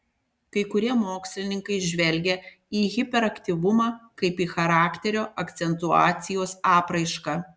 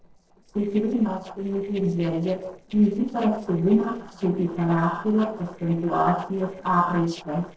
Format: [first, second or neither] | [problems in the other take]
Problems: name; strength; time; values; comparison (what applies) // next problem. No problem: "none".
first | noise reduction (neural separator model SepFormer DNS4)